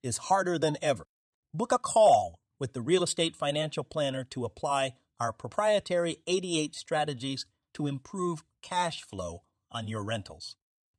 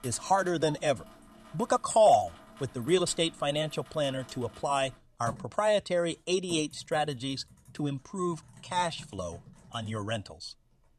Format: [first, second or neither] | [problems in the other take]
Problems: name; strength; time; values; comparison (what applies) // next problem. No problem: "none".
first | household noises; faint; throughout; 20 dB below the speech